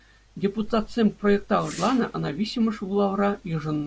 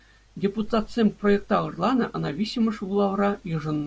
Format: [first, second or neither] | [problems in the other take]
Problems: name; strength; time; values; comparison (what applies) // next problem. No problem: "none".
second | background sound (Whoosh, swoosh, swish); 19 dB below the speech